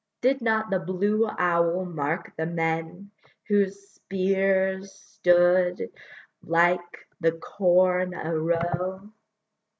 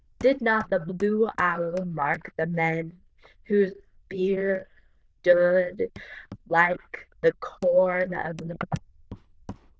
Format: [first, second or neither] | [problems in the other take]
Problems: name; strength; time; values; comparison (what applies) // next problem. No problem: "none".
first | noise reduction (neural diffusion model UNIVERSE++)